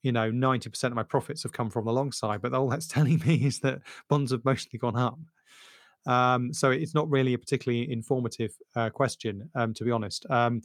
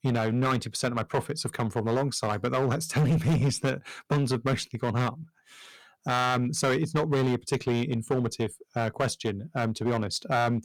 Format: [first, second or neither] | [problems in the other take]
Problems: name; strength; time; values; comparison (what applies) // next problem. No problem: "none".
first | distortion; heavy; 10% of the sound clipped